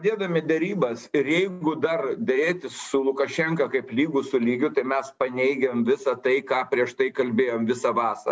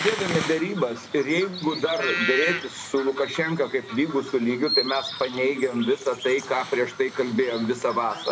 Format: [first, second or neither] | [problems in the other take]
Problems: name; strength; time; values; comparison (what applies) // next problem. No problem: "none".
first | background sound (Bird vocalization, bird call, bird song); 7 dB below the speech